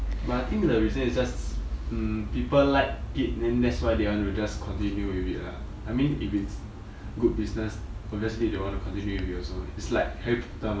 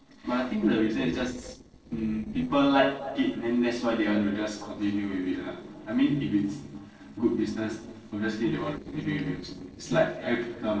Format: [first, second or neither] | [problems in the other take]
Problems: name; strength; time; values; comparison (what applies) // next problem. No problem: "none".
first | noise reduction (neural separator model SepFormer DNS4)